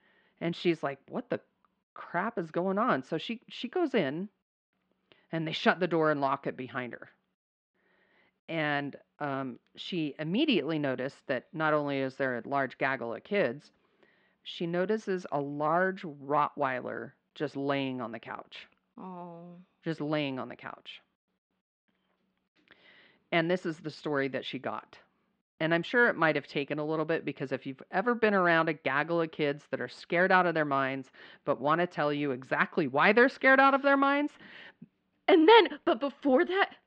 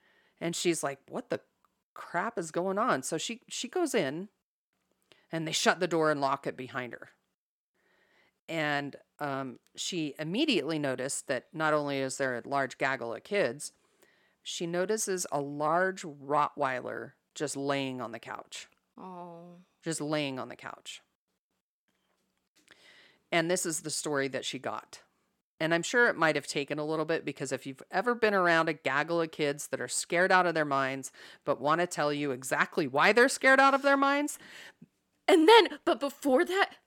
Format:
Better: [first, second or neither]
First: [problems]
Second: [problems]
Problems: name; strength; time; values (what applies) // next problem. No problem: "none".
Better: second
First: muffled; slightly; fading above 3.5 kHz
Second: none